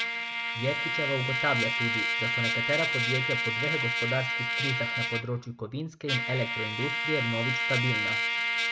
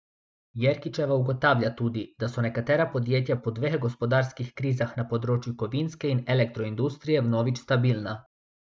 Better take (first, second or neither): second